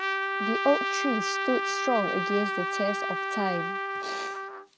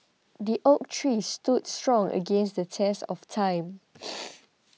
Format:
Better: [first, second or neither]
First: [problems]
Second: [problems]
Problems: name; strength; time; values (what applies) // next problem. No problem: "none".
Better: second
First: background sound (Trumpet); as loud as the speech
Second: none